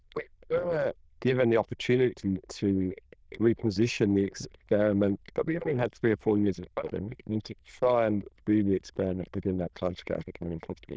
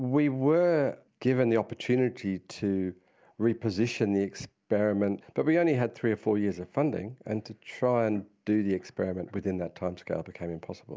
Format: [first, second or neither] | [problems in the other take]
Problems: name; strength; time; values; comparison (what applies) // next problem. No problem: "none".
second | noise reduction (neural diffusion model UNIVERSE++)